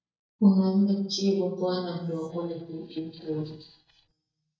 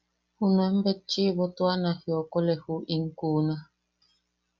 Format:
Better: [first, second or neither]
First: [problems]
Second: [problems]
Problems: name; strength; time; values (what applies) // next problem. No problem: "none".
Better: second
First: noise reduction (neural mask model DeepFilterNet 3)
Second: none